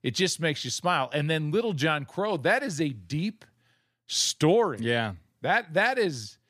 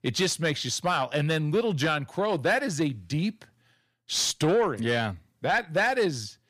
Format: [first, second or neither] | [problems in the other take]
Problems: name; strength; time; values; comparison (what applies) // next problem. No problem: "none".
first | distortion; slight; 10 dB below the speech